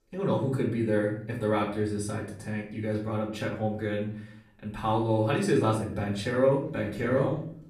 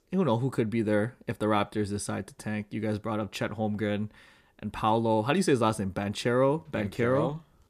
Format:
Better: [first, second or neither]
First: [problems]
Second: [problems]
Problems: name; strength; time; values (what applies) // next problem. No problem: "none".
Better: second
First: off-mic speech; far // room echo; slight; dies away in 0.5 s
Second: none